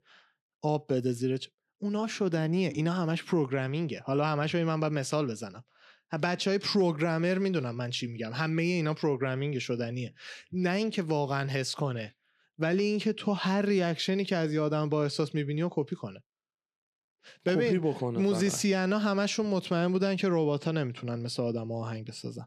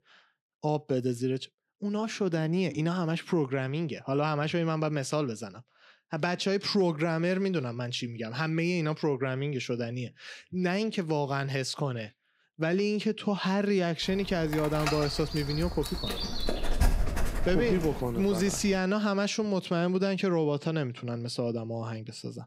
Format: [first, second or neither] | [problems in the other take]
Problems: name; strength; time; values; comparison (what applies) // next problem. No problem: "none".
first | dog barking; loud; from 14 to 19 s; peak level with the speech